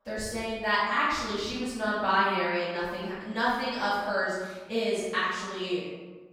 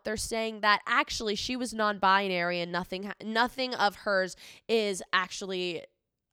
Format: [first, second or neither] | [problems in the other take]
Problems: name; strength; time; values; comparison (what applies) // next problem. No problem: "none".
second | off-mic speech; far // room echo; strong; dies away in 1.1 s